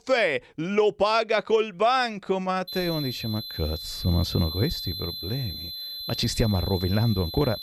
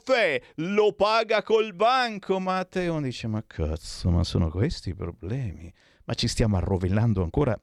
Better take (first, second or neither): second